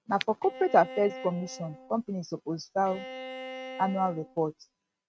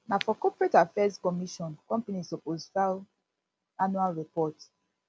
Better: second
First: noise reduction (neural mask model RNNoise)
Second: none

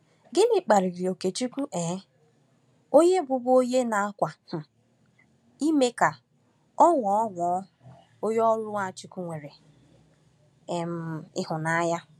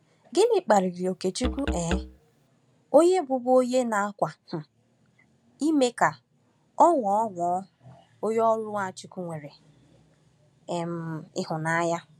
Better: first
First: none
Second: background sound (Musical instrument); 7 dB below the speech

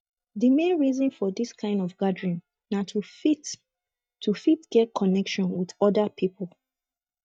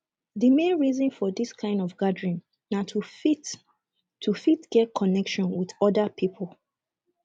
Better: second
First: noise reduction (neural mask model DeepFilterNet 3)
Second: none

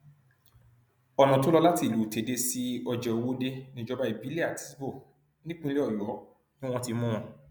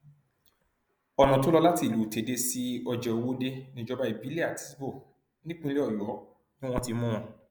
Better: first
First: none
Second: noise reduction (neural mask model Resemble Enhance denoiser)

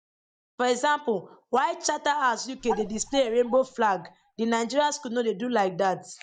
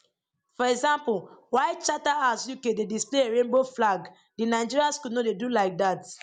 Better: second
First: noise reduction (neural mask model DeepFilterNet 3)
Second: none

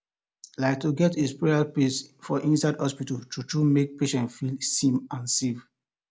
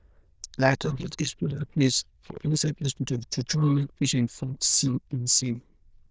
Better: first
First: none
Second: noise reduction (neural diffusion model UNIVERSE++)

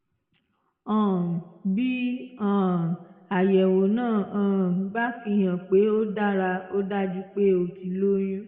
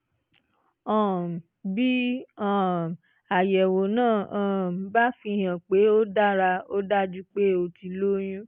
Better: second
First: room echo; dies away in 1 s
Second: none

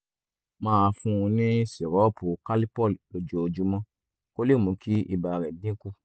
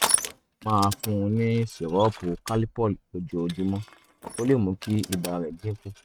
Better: first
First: none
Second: noise reduction (neural mask model RNNoise)

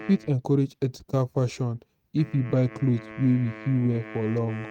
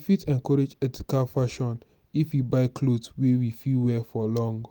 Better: second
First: noise reduction (neural mask model RNNoise)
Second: none

